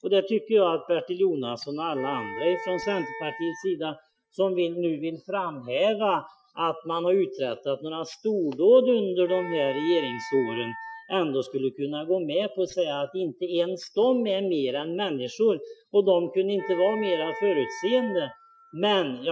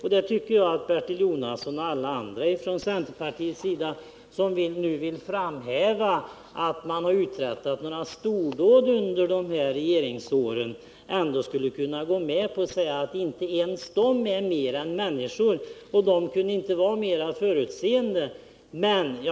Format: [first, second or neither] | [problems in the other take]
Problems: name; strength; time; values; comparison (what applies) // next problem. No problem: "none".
second | noise reduction (classical method Wiener filter)